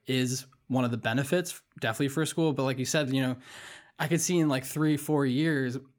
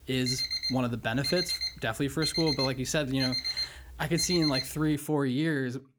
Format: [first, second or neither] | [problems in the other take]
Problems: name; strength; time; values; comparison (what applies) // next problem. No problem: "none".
first | alarm; loud; until 5 s; peak 1 dB above the speech